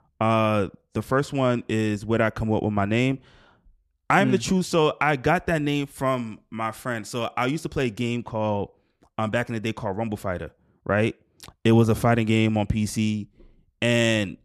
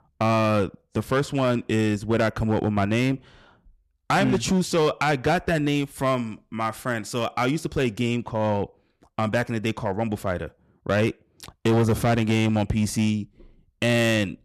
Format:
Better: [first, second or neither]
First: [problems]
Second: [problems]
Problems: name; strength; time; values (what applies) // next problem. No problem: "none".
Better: first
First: none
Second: distortion; slight; 7% of the sound clipped